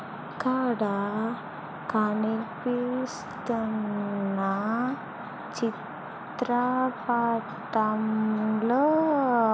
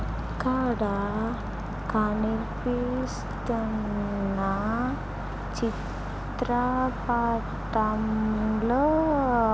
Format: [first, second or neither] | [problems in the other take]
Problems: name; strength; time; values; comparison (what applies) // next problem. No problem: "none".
first | background sound (Boat, Water vehicle); 6 dB below the speech